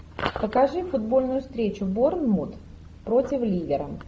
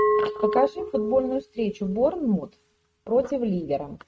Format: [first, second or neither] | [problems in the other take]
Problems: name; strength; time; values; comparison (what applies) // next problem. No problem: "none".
first | noise reduction (neural mask model RNNoise)